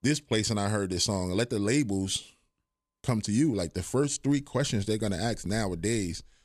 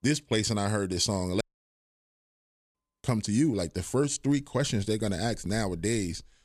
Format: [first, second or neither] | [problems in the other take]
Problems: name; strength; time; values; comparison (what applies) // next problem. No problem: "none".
first | audio cutting out; at 1.5 s for 1.5 s